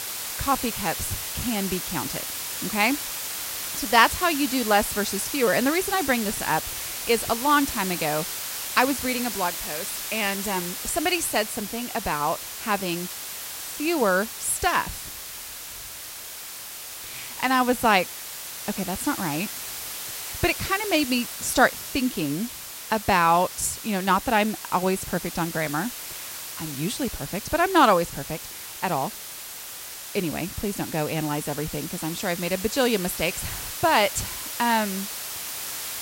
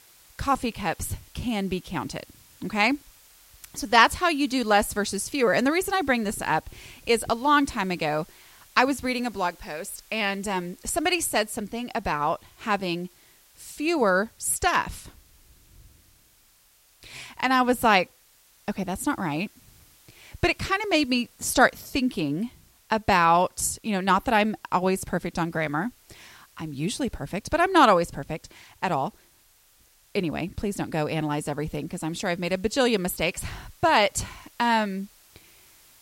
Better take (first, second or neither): second